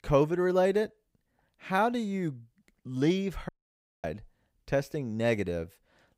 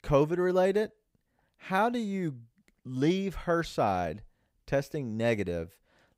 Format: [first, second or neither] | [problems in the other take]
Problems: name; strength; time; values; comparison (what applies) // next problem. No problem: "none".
second | audio cutting out; at 3.5 s for 0.5 s